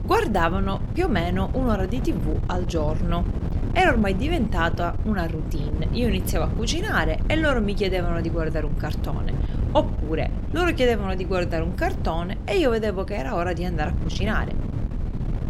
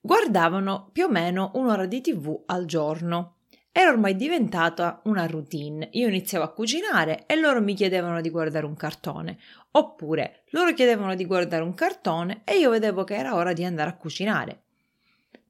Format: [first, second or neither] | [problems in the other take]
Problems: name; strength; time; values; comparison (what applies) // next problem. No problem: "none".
second | wind noise on the microphone; occasional gusts; 15 dB below the speech